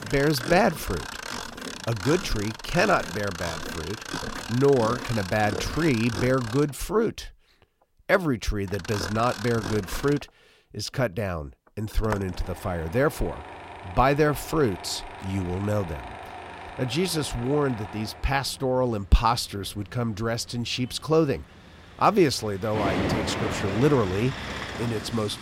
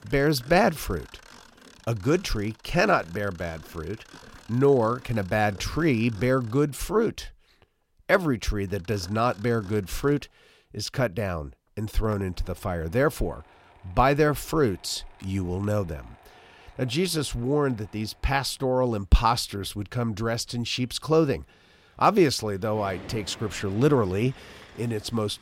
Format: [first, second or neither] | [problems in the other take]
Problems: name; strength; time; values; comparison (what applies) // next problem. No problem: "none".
second | machinery noise; loud; throughout; 9 dB below the speech; faint in the second